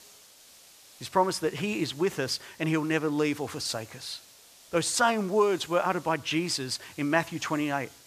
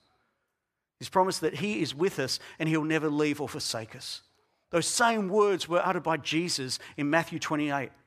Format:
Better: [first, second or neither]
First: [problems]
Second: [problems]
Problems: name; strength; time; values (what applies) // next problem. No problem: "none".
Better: second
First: hiss; faint; throughout; 20 dB below the speech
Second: none